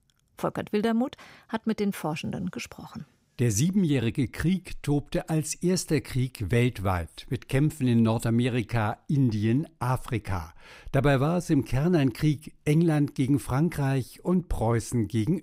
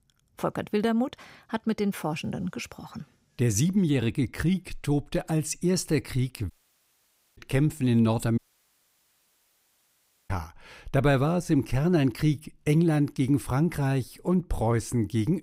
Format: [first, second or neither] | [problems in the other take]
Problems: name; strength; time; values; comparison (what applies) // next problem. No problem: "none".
first | audio cutting out; at 6.5 s for 1 s and at 8.5 s for 2 s